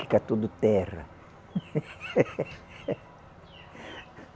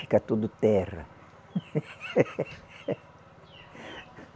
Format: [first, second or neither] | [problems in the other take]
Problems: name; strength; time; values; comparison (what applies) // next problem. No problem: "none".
second | background sound (Crowd / Cheering / Fireworks); 19 dB below the speech